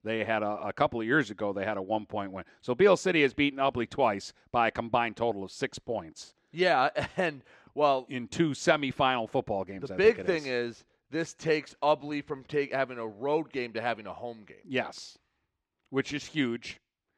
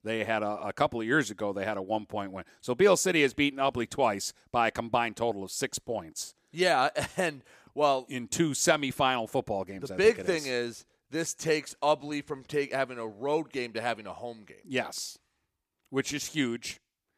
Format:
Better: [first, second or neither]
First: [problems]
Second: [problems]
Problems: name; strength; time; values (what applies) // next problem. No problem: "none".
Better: second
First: muffled; slightly; fading above 3.5 kHz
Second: none